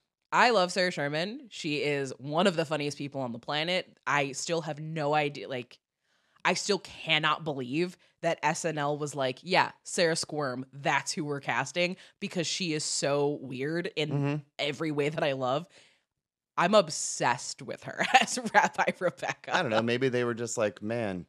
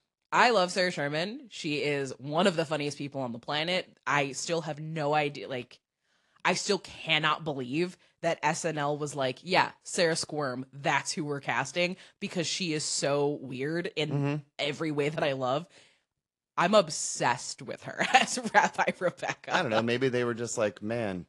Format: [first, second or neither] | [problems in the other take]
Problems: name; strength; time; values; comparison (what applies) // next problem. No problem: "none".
first | garbled, watery; slightly